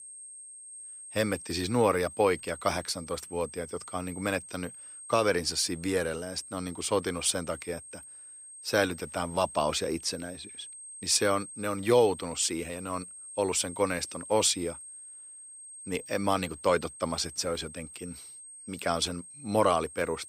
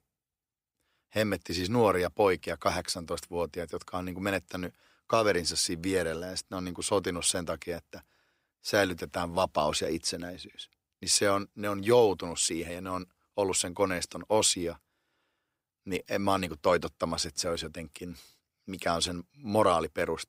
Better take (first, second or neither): second